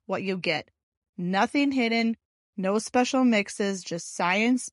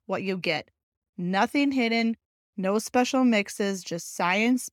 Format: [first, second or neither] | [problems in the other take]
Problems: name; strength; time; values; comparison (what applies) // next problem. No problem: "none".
second | garbled, watery; slightly; nothing above 11 kHz